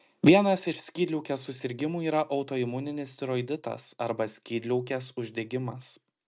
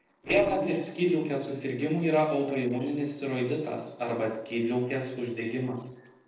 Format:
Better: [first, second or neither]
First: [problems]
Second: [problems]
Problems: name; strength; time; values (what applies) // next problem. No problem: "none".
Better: first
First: none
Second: noise reduction (neural separator model SepFormer DNS4)